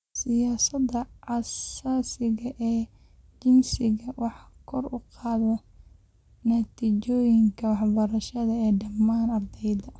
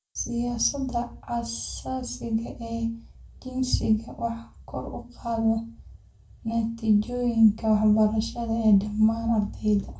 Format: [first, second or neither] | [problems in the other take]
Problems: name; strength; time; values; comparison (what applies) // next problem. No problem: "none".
first | room echo; dies away in 0.3 s